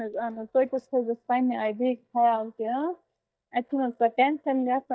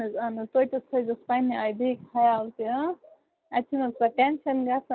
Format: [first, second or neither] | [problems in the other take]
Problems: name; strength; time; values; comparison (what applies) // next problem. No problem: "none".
second | noise reduction (neural mask model DeepFilterNet 3)